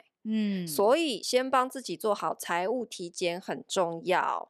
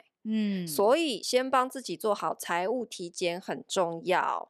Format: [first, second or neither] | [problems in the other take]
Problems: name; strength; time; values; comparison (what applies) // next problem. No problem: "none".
neither | none